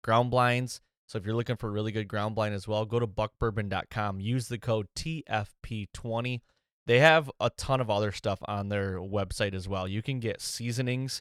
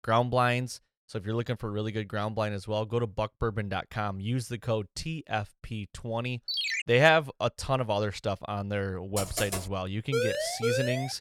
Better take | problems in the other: first | phone ringing; loud; at 6.5 s; peak 2 dB above the speech // keyboard typing; noticeable; at 9 s; peak 3 dB below the speech // siren; loud; from 10 s on; peak 1 dB above the speech

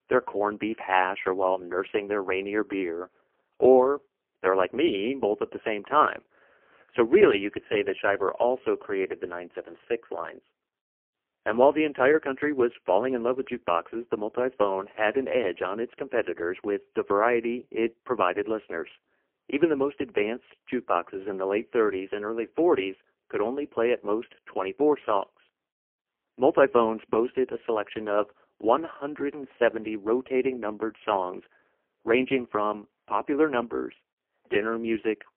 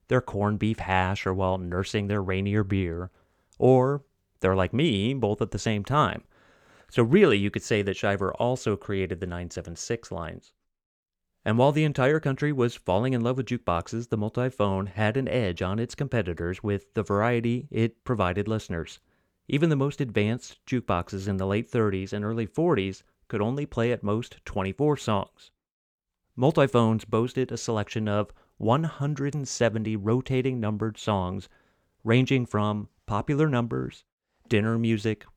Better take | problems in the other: second | phone-call audio; poor line; nothing above 3 kHz

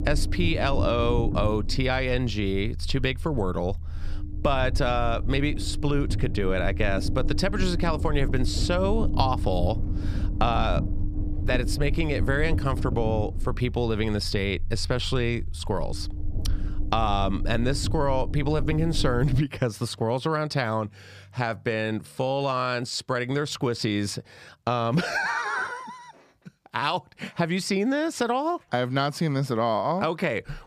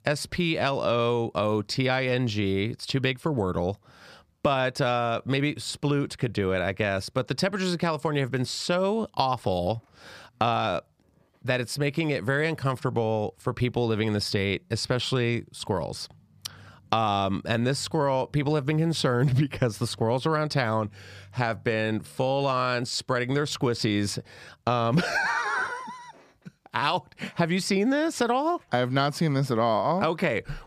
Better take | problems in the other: second | low rumble; noticeable; until 19 s; 15 dB below the speech

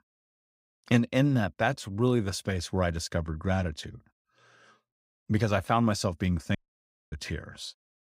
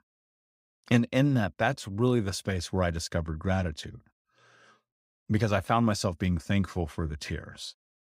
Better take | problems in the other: second | audio cutting out; at 6.5 s for 0.5 s

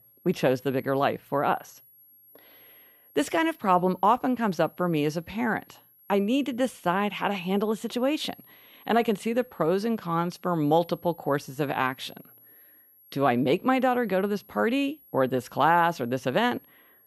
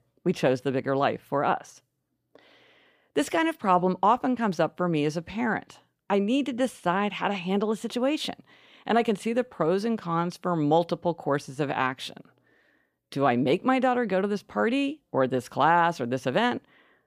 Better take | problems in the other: second | high-pitched whine; faint; throughout; 11.5 kHz, 25 dB below the speech

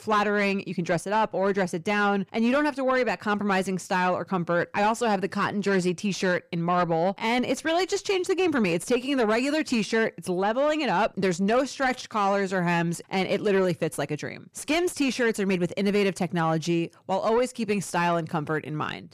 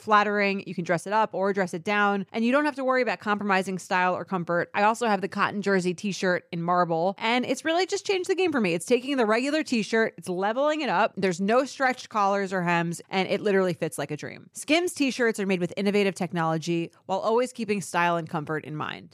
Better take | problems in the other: second | distortion; slight; 10 dB below the speech

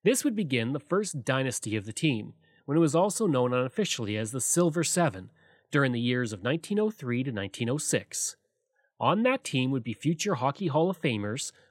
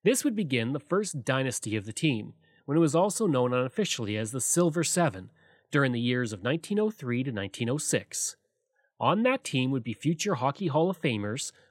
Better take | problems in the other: neither | none

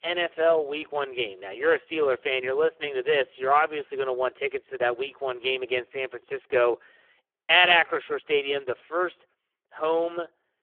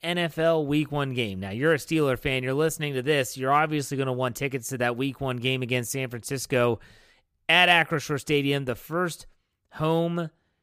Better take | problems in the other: second | phone-call audio; poor line; nothing above 3.5 kHz

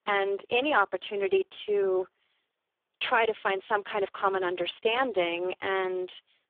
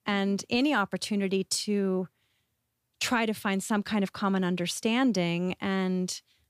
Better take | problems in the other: second | phone-call audio; poor line

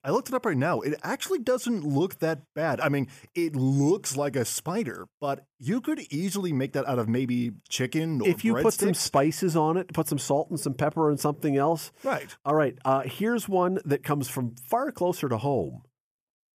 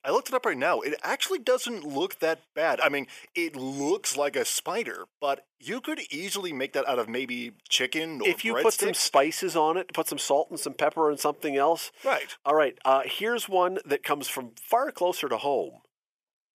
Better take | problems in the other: first | thin; somewhat; fading below 500 Hz

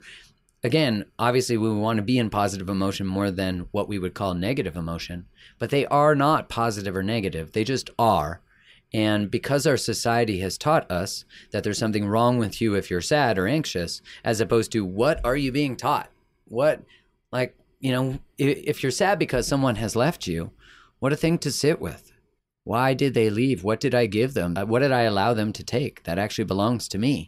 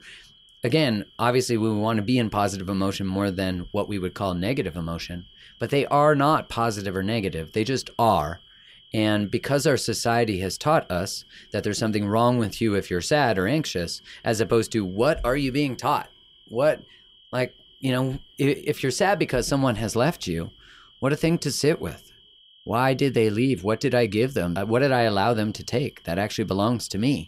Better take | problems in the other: first | high-pitched whine; faint; throughout; 3 kHz, 25 dB below the speech

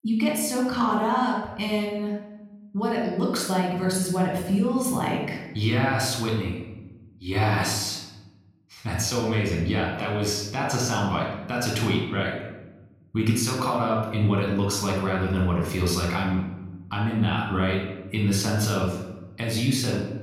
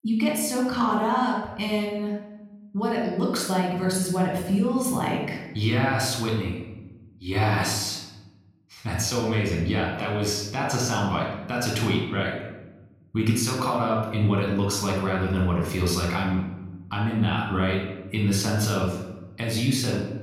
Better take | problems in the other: neither | off-mic speech; somewhat distant; the same in both // room echo; noticeable; dies away in 1 s; the same in both

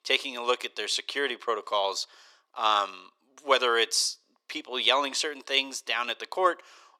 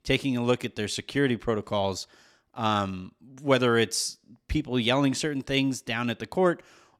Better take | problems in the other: second | thin; very; fading below 400 Hz

